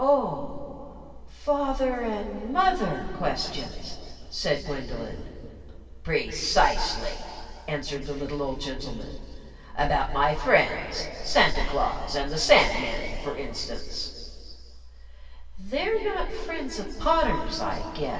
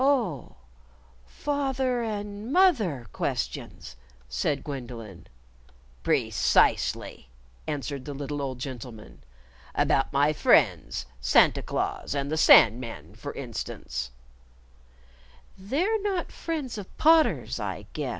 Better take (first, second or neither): second